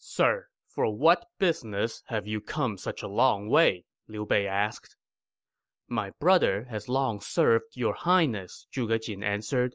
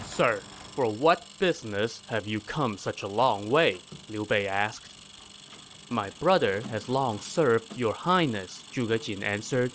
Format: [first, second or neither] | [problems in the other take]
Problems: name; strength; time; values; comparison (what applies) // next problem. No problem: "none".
first | background sound (Engine); 19 dB below the speech